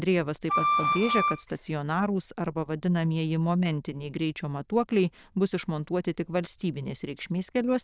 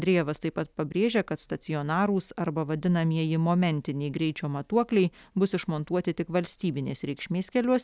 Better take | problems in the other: second | noise reduction (neural diffusion model UNIVERSE++)

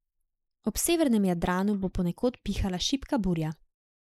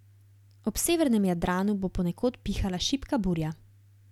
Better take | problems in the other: second | noise reduction (neural mask model Resemble Enhance denoiser)

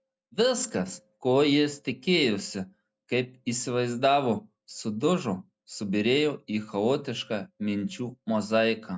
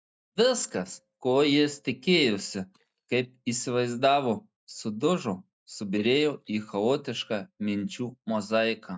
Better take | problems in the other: first | noise reduction (neural mask model DeepFilterNet 3)

